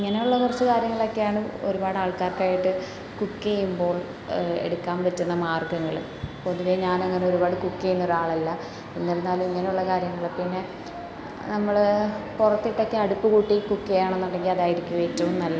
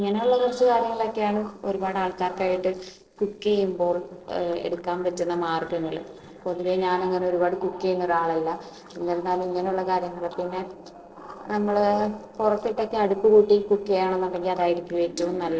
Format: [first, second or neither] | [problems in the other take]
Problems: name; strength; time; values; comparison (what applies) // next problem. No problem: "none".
first | noise reduction (neural separator model SepFormer DNS4)